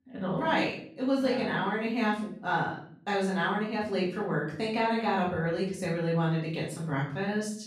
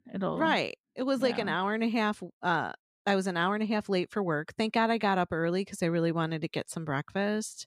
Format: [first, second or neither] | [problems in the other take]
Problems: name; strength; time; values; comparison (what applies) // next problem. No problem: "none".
second | off-mic speech; far // room echo; noticeable; dies away in 0.6 s